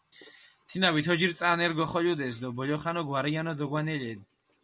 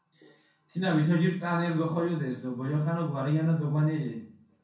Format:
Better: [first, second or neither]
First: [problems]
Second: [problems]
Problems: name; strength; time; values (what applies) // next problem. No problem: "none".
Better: first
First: none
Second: room echo; dies away in 0.6 s